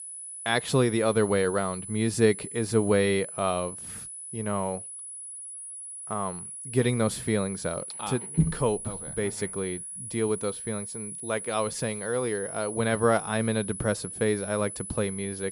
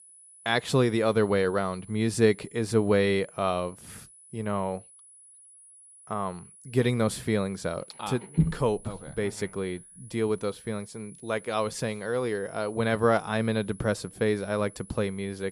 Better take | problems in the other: second | high-pitched whine; loud; throughout; 10 kHz, 8 dB below the speech; faint in the second

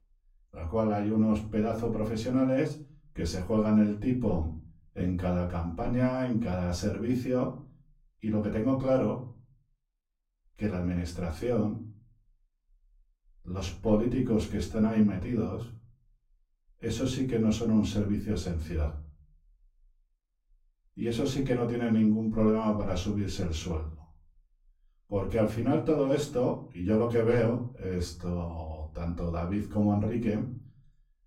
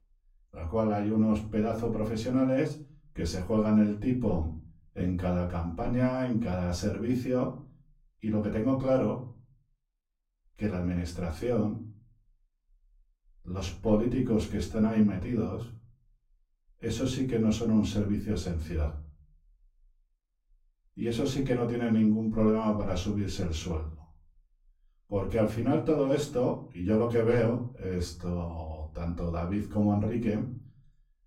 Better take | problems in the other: neither | off-mic speech; far; the same in both // room echo; slight; dies away in 0.3 s; the same in both

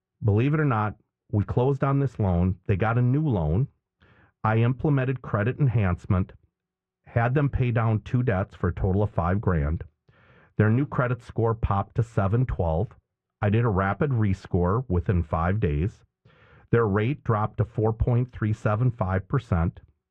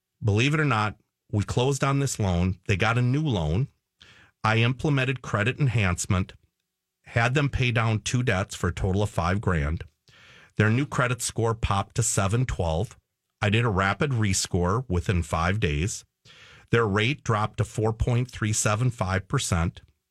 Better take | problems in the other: second | muffled; very; fading above 3.5 kHz

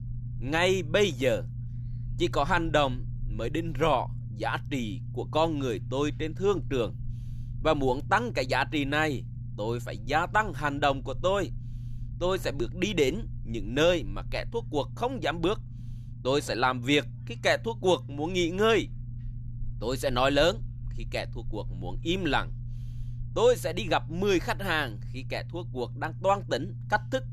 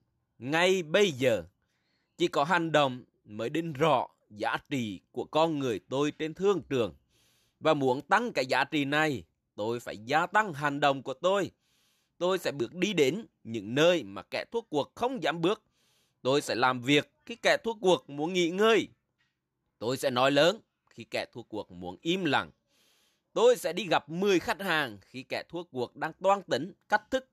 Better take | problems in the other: second | low rumble; faint; throughout; 25 dB below the speech

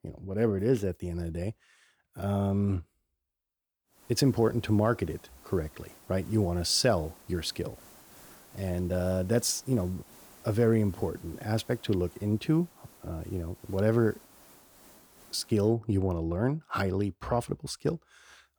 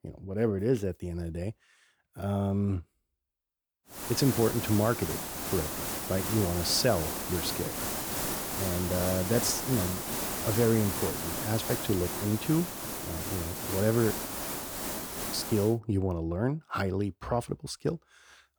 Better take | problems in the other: first | hiss; loud; from 4 to 16 s; 3 dB below the speech; faint in the first

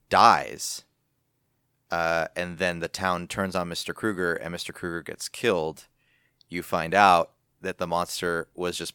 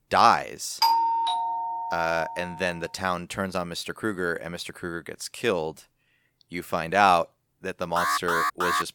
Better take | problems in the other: first | doorbell; loud; from 1 to 2.5 s; peak 5 dB above the speech // alarm; loud; at 8 s; peak 2 dB above the speech

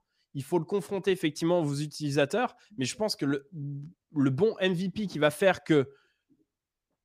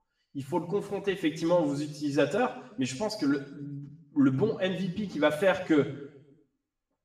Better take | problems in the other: first | room echo; slight; dies away in 0.7 s // off-mic speech; far

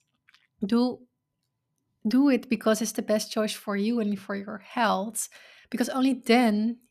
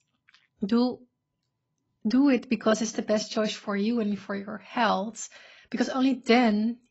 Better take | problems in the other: first | garbled, watery; badly; nothing above 7.5 kHz

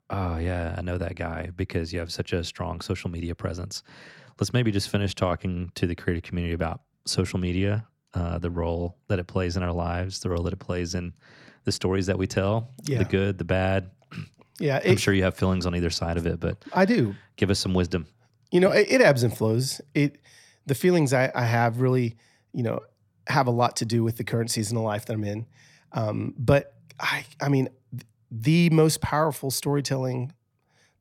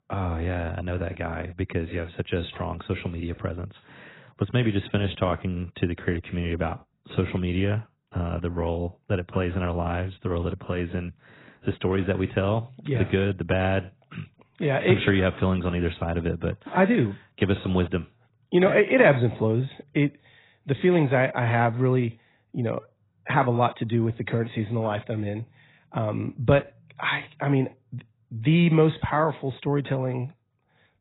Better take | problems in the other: first | garbled, watery; badly; nothing above 4 kHz

